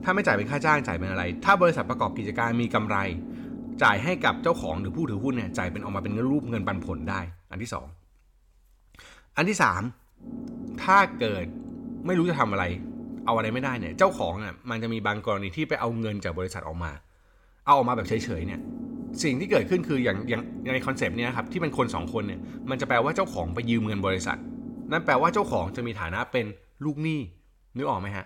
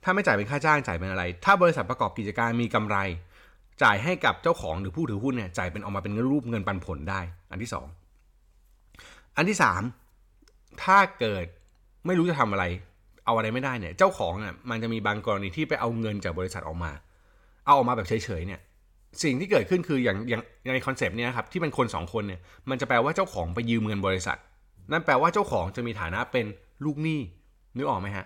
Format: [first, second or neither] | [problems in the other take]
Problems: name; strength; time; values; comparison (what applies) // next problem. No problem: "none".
second | low rumble; noticeable; until 7 s, from 10 to 14 s and from 18 to 26 s; 15 dB below the speech